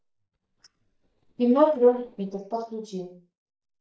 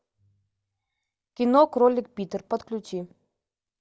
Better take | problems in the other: second | noise reduction (neural mask model DeepFilterNet 3)

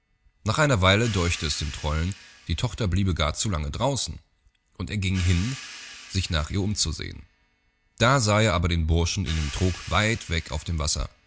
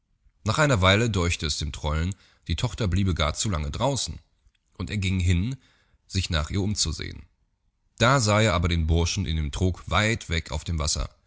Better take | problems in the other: second | background sound (Hi-hat); 19 dB below the speech

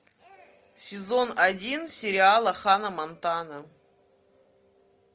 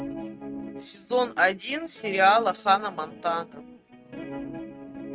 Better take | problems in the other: first | noise reduction (neural mask model RNNoise)

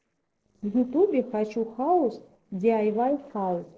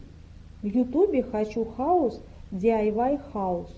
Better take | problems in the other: second | noise reduction (neural separator model SepFormer DNS4)

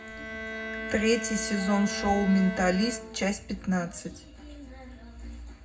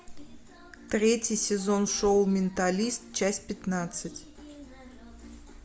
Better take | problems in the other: second | background sound (Bowed string instrument); 9 dB below the speech // room echo; dies away in 0.3 s

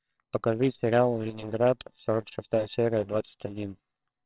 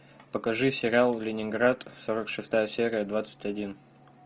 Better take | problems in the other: second | noise reduction (neural separator model SepFormer WHAMR!)

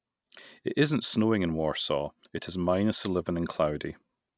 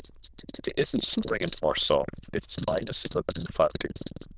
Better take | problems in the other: first | noise reduction (neural diffusion model UNIVERSE++)

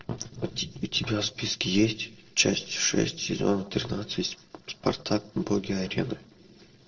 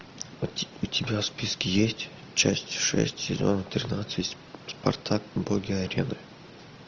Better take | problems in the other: second | noise reduction (neural separator model SepFormer DNS4)

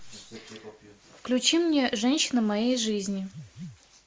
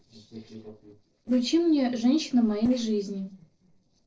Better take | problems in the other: first | noise reduction (neural separator model SepFormer DNS4)

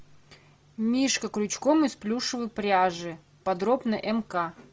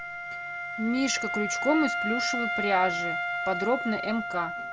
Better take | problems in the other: first | background sound (Wind instrument, woodwind instrument); 2 dB below the speech

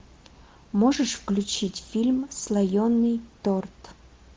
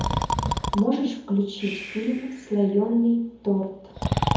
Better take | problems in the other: first | background sound (Breathing); 4 dB below the speech // room echo; dies away in 0.7 s

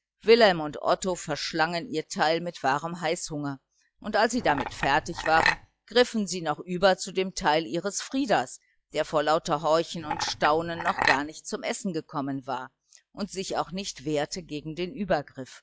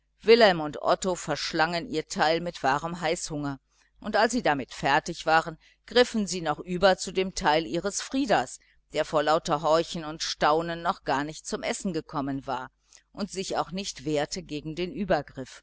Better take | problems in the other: second | noise reduction (classical method log-MMSE)

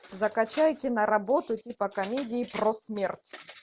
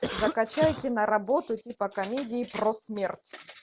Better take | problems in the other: first | background sound (Cough); 5 dB below the speech

